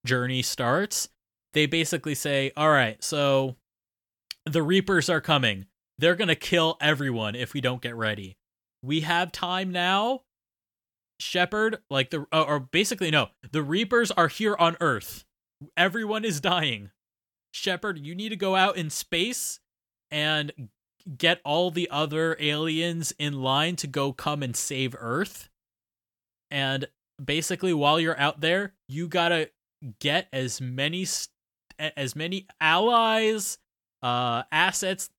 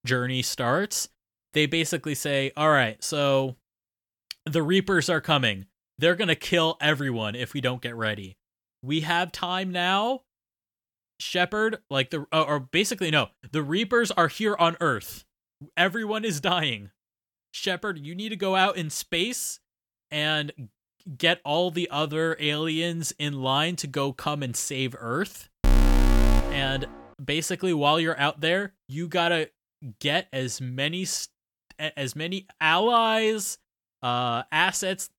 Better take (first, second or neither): first